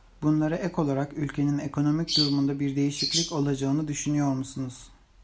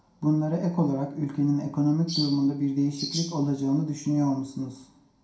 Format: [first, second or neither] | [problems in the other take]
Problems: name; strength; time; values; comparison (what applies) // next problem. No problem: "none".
first | room echo; dies away in 0.5 s